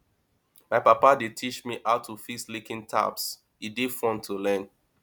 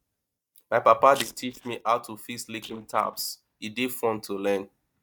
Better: first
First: none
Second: noise reduction (neural mask model DeepFilterNet 3)

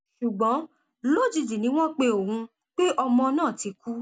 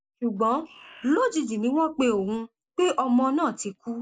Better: first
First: none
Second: noise reduction (neural mask model Resemble Enhance denoiser)

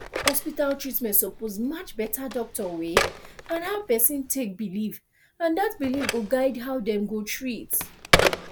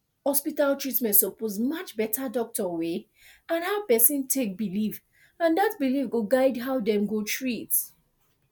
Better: second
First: background sound (Telephone); 3 dB below the speech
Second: none

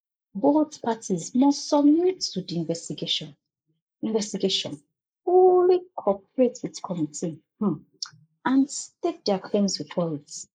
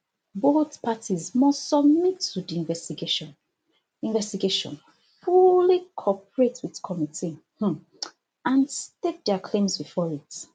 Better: second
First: noise reduction (neural mask model Resemble Enhance denoiser)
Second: none

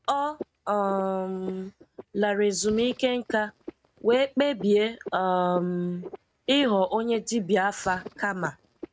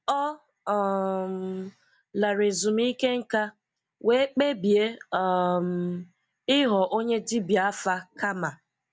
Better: second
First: noise reduction (neural mask model RNNoise)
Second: none

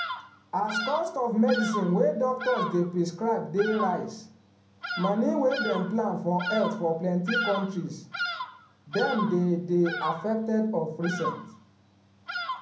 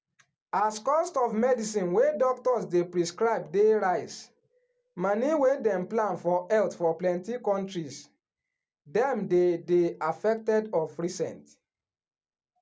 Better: second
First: background sound (Bird vocalization, bird call, bird song); 8 dB below the speech // room echo; dies away in 0.5 s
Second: none

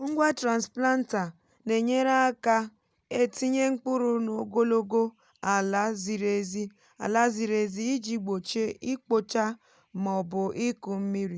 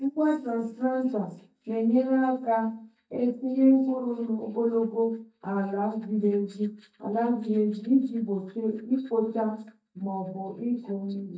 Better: first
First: none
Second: noise reduction (neural mask model DeepFilterNet 3)

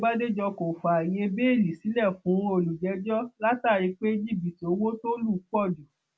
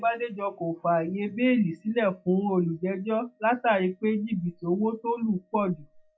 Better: first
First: none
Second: noise reduction (classical method log-MMSE)

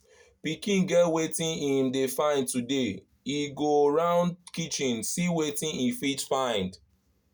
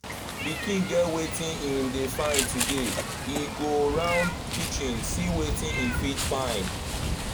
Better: first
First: none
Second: background sound (Meow); 1 dB below the speech

